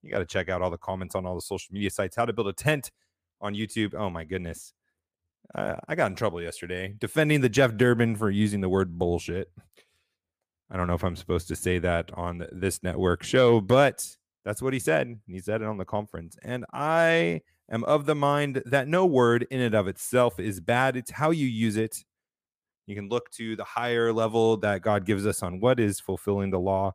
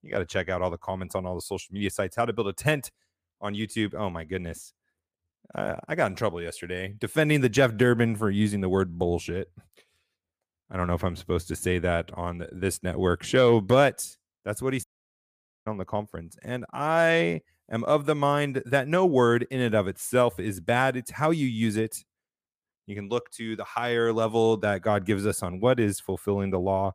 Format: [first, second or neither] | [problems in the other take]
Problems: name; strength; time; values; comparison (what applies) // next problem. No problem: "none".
first | audio cutting out; at 15 s for 1 s